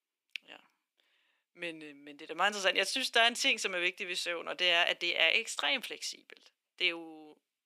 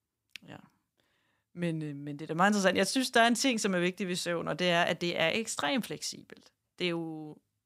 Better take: second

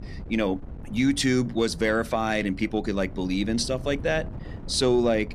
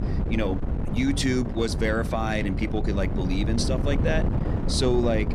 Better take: first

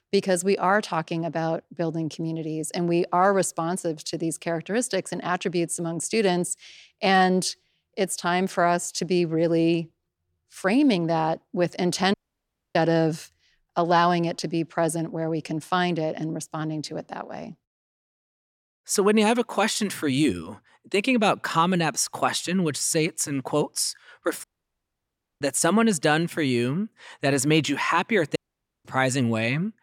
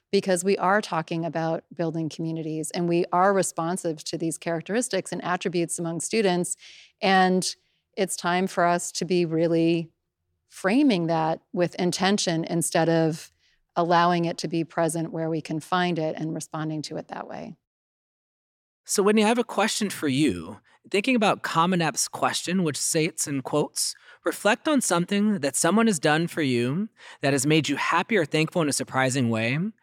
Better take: second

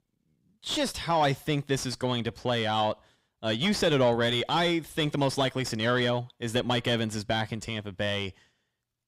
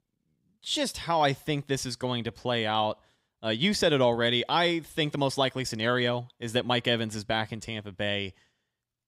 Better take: second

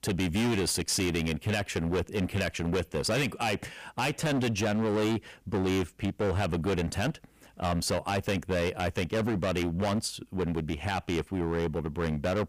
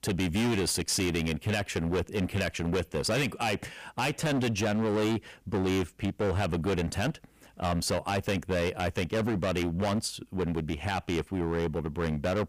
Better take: neither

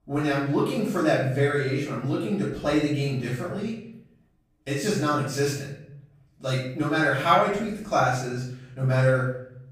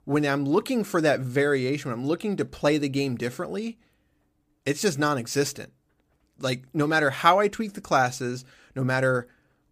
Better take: second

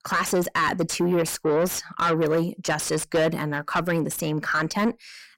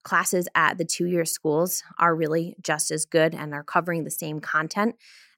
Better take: second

